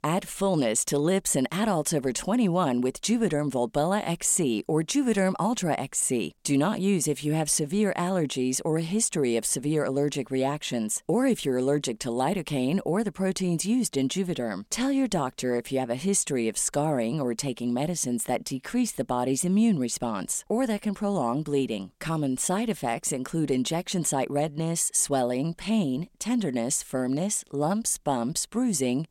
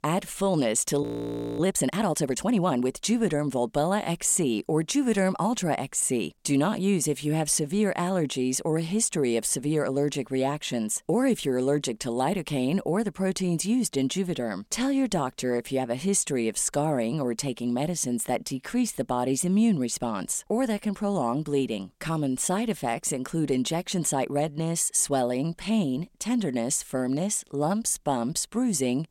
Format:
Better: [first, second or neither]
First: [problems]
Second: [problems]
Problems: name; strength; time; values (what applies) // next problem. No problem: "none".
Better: first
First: none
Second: audio freezing; at 1 s for 0.5 s